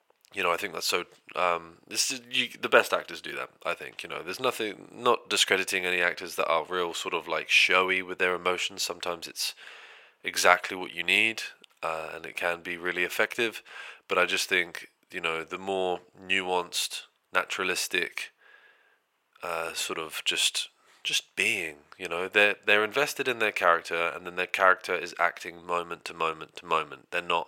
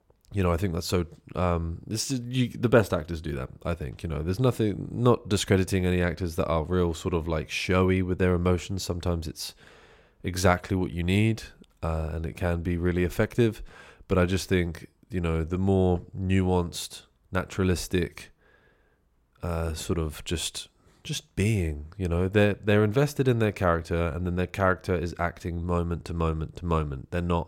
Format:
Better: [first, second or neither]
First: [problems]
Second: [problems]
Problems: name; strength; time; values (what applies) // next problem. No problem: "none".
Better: second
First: thin; very; fading below 650 Hz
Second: none